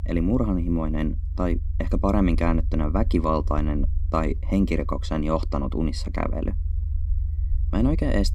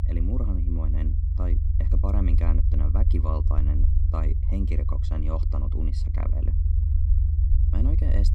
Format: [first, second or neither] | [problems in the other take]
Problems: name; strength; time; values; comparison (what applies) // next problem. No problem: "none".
first | low rumble; loud; throughout; 3 dB below the speech; faint in the first